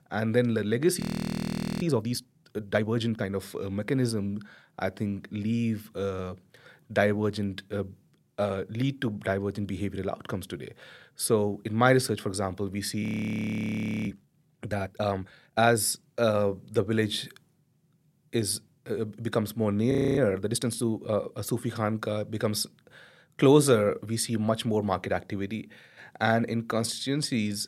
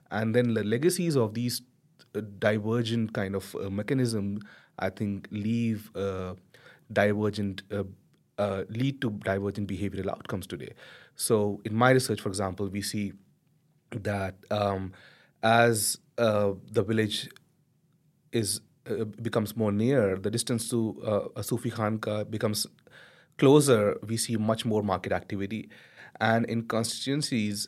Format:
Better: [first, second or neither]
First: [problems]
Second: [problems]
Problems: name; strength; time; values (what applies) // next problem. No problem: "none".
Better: second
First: audio freezing; at 1 s for 1 s, at 13 s for 1 s and at 20 s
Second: none